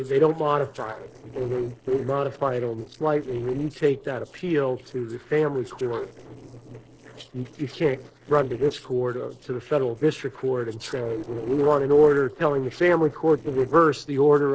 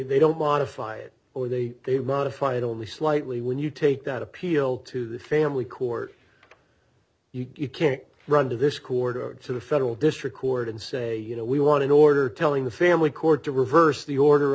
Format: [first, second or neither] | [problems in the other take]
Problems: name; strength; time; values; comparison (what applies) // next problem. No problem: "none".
second | noise reduction (neural separator model SepFormer DNS4)